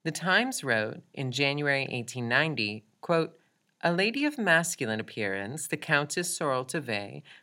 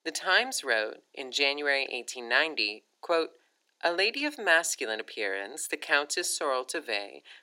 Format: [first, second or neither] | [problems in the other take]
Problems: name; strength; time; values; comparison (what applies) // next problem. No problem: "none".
first | thin; somewhat; fading below 350 Hz